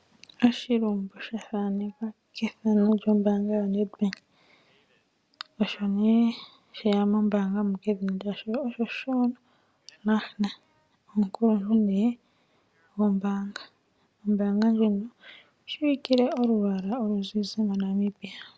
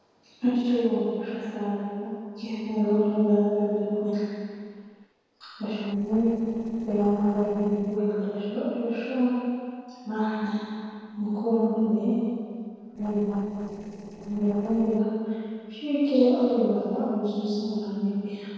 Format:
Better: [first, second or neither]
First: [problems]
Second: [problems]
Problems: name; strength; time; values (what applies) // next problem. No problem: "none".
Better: first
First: none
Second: noise reduction (neural separator model SepFormer DNS4)